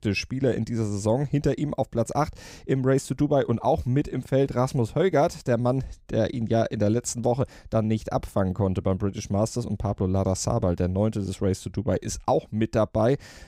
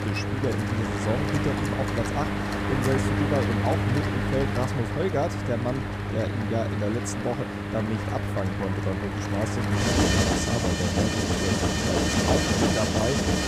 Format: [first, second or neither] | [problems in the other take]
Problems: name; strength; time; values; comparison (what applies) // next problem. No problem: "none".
first | machinery noise; very loud; throughout; 4 dB above the speech